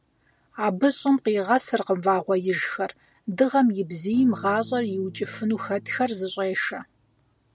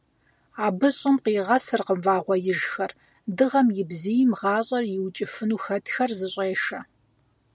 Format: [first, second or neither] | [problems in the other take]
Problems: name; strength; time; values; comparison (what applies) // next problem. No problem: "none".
second | background sound (Electric guitar / Strum); 17 dB below the speech